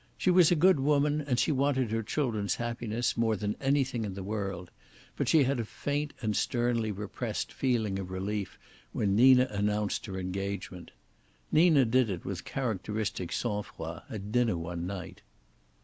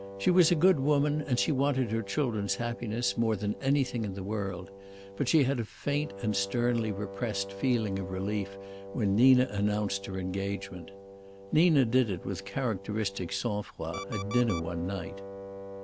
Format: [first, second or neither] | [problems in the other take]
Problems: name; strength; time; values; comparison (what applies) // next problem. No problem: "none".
first | background sound (Wind instrument, woodwind instrument + Alarm); 14 dB below the speech